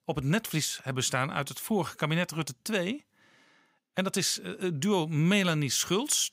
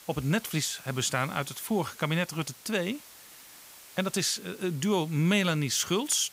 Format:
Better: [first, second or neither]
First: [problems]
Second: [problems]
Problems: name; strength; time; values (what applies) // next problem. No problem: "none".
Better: first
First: none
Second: hiss; noticeable; throughout; 20 dB below the speech